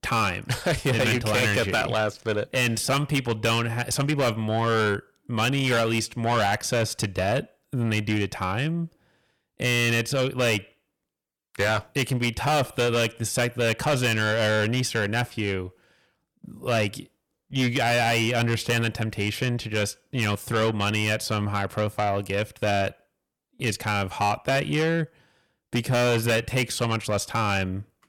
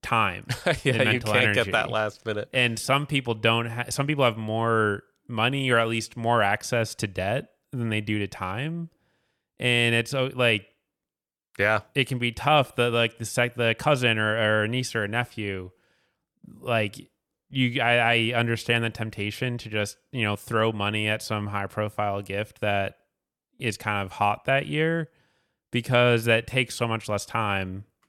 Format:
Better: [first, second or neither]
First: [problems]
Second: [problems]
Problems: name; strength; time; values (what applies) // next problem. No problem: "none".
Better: second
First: distortion; heavy; 7 dB below the speech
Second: none